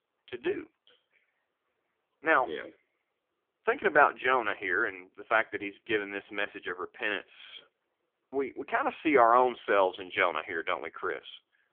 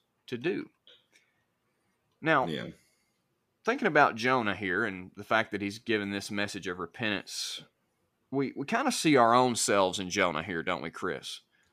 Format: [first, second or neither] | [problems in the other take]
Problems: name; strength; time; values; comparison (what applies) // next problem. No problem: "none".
second | phone-call audio; poor line; nothing above 3.5 kHz